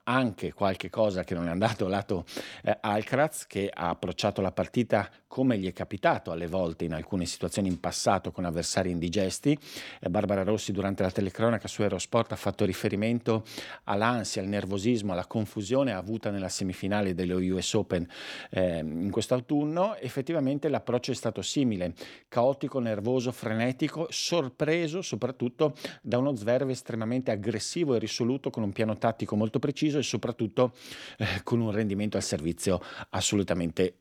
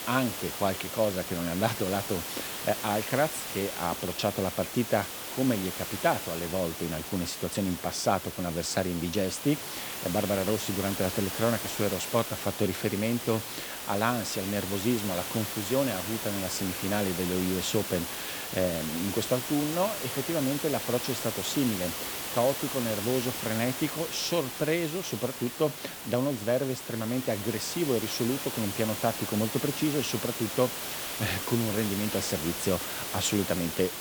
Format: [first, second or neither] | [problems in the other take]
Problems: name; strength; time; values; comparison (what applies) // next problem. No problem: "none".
first | hiss; loud; throughout; 4 dB below the speech